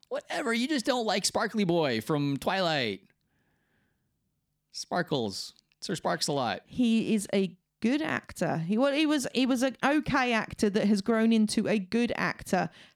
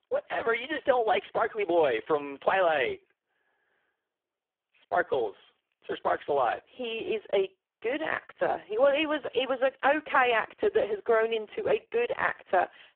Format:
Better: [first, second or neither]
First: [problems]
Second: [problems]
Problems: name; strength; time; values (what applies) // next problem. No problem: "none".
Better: first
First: none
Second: phone-call audio; poor line